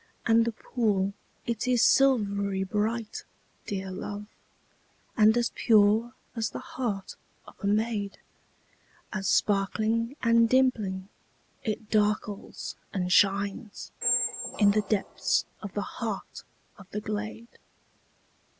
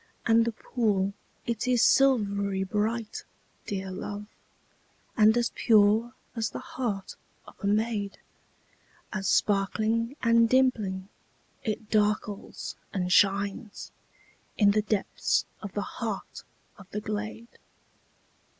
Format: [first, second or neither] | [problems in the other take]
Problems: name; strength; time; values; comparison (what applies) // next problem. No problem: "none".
second | background sound (Squeak); 6 dB below the speech